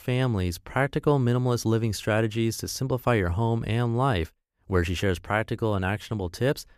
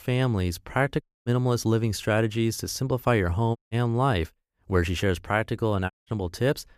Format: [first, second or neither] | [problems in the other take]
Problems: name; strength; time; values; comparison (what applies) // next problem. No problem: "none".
first | audio cutting out; at 1 s, at 3.5 s and at 6 s